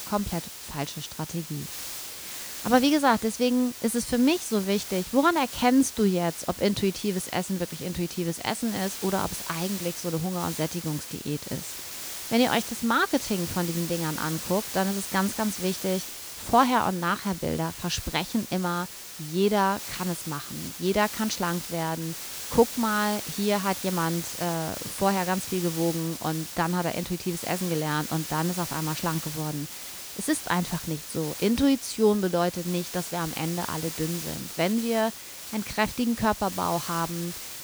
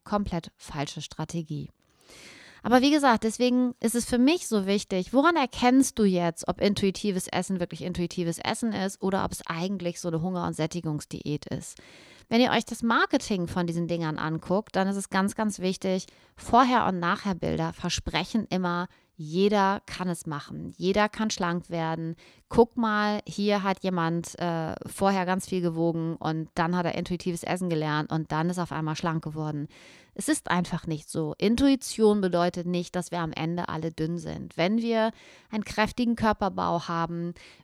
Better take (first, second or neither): second